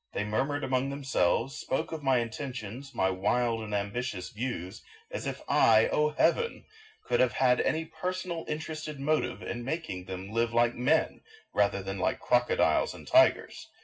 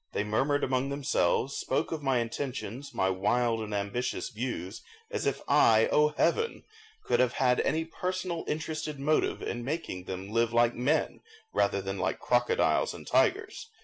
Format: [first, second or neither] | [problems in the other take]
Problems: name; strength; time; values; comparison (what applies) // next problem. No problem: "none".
second | room echo; dies away in 0.4 s